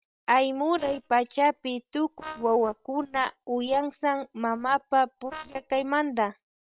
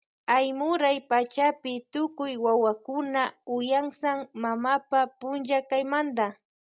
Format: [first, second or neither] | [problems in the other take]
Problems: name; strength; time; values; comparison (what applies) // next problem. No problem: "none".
second | noise reduction (neural separator model SepFormer WHAM!)